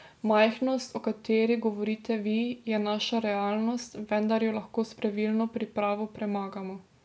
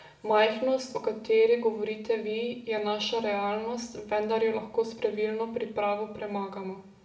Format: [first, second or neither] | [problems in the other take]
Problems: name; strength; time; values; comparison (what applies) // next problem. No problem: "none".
first | room echo; dies away in 0.7 s